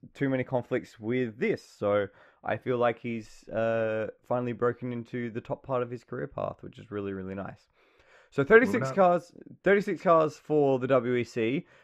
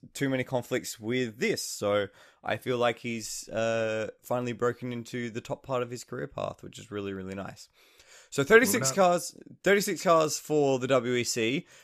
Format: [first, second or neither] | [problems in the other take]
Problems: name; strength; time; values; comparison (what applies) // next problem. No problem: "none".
second | muffled; very; fading above 4 kHz